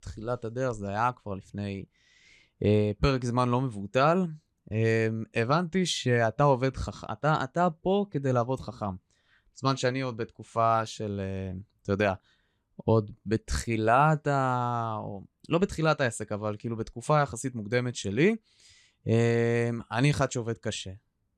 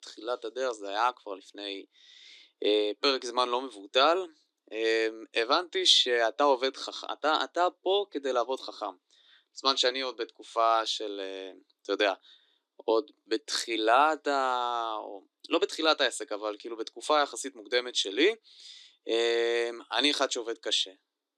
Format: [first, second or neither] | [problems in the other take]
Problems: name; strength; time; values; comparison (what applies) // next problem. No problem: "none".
first | thin; somewhat; fading below 300 Hz